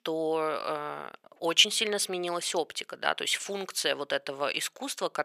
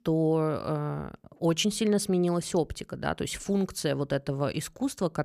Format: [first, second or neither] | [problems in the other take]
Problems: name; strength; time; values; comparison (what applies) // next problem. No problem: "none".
second | thin; very; fading below 600 Hz